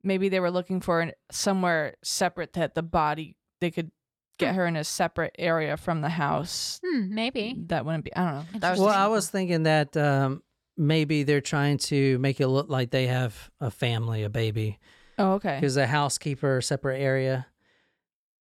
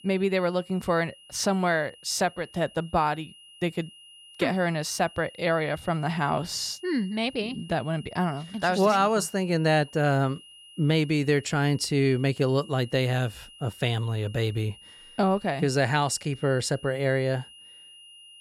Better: first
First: none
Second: high-pitched whine; faint; throughout; 3 kHz, 20 dB below the speech

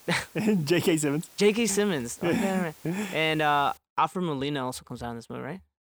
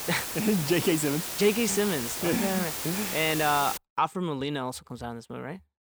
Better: first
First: hiss; faint; until 4 s; 25 dB below the speech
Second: hiss; loud; until 4 s; 4 dB below the speech

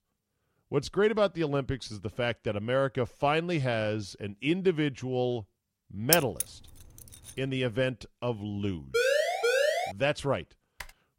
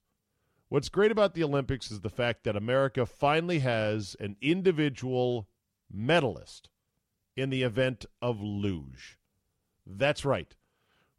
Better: second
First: jangling keys; loud; at 6 s; peak 3 dB above the speech // siren; loud; at 9 s; peak 4 dB above the speech // keyboard typing; faint; at 11 s; peak 15 dB below the speech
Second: none

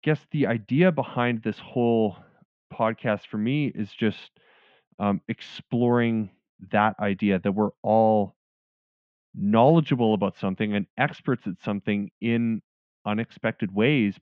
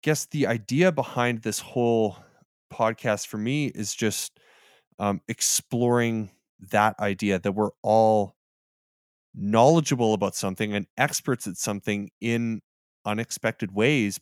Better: second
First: muffled; very; fading above 3.5 kHz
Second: none

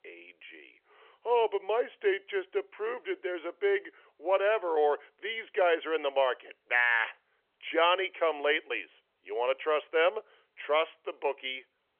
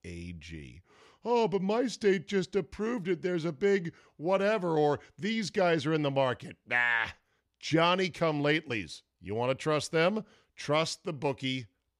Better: second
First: phone-call audio; nothing above 3.5 kHz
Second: none

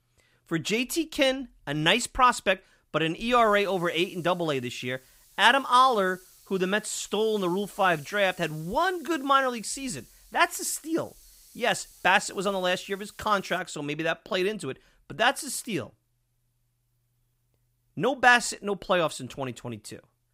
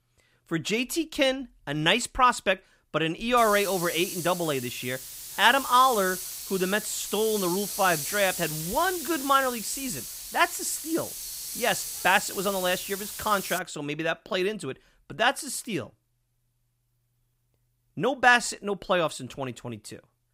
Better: first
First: hiss; faint; from 3.5 to 14 s; 25 dB below the speech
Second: hiss; loud; from 3.5 to 14 s; 7 dB below the speech

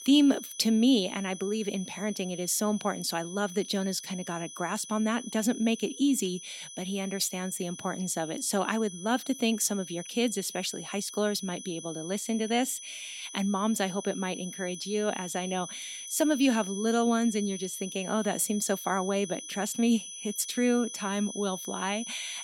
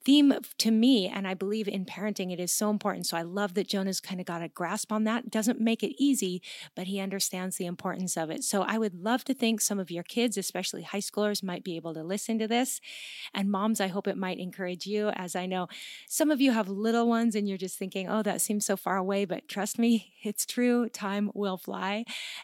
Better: second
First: high-pitched whine; noticeable; throughout; 6 kHz, 10 dB below the speech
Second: none

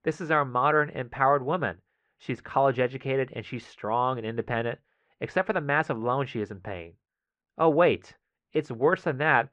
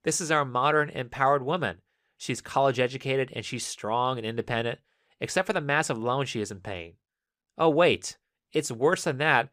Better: second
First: muffled; very; fading above 2 kHz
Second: none

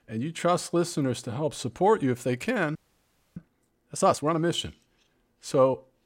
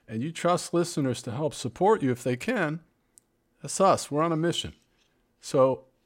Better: second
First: audio freezing; at 3 s for 0.5 s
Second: none

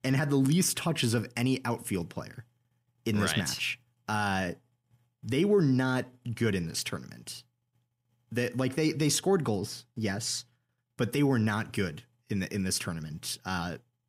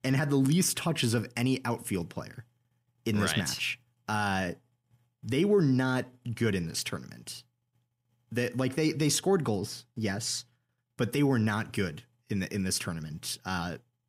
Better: neither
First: none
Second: none

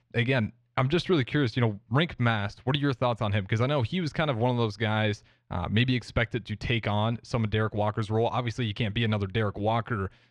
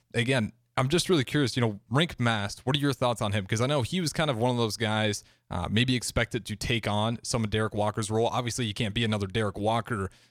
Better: second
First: muffled; slightly; fading above 2.5 kHz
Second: none

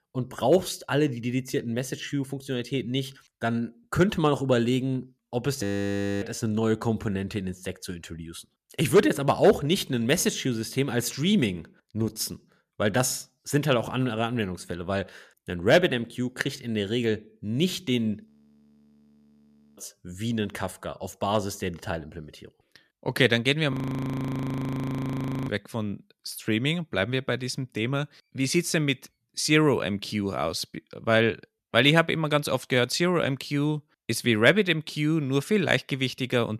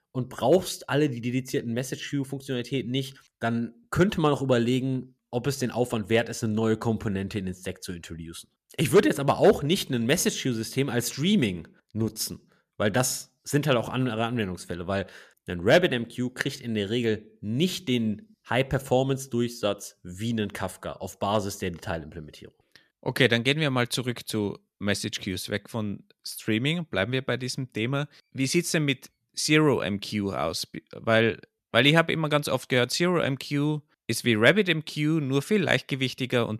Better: second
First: audio freezing; at 5.5 s for 0.5 s, at 18 s for 1.5 s and at 24 s for 2 s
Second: none

